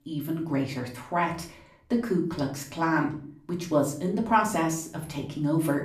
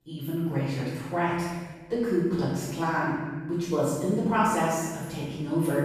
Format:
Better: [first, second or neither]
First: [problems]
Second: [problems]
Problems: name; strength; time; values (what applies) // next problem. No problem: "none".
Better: first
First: room echo; slight; dies away in 0.4 s // off-mic speech; far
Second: room echo; strong; dies away in 1.2 s // off-mic speech; far